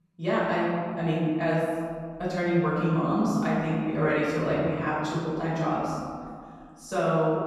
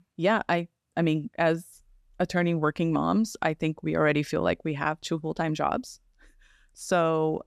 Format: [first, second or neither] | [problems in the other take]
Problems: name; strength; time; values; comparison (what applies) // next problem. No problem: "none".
second | room echo; strong; dies away in 2 s // off-mic speech; far